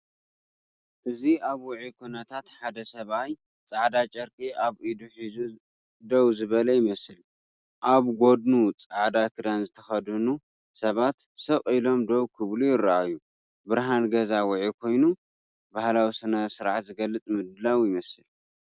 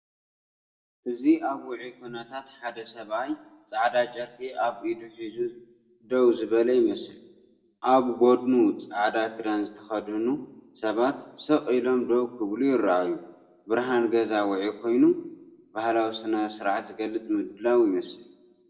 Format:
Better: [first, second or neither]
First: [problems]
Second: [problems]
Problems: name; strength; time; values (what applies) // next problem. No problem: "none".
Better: first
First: none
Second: room echo; dies away in 0.6 s